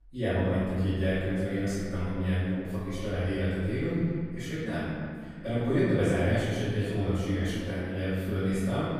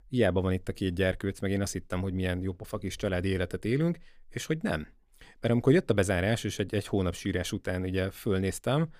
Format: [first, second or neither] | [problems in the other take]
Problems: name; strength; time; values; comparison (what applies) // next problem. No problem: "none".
second | off-mic speech; far // room echo; strong; dies away in 2.1 s